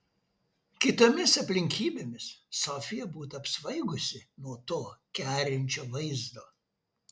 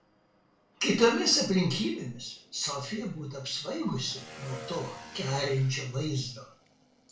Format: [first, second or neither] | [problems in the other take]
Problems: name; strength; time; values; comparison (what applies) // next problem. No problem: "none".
first | background sound (Motorcycle / Engine); 20 dB below the speech // room echo; dies away in 0.3 s